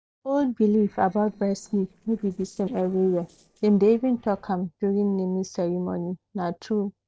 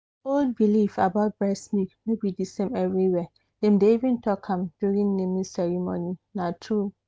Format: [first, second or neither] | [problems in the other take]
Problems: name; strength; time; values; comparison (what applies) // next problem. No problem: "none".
second | noise reduction (neural separator model SepFormer DNS4)